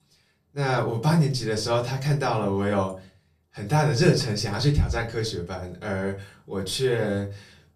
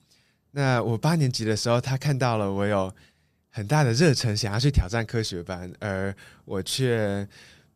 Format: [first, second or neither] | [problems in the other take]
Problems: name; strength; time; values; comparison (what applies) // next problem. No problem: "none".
second | off-mic speech; far // room echo; very slight; dies away in 0.3 s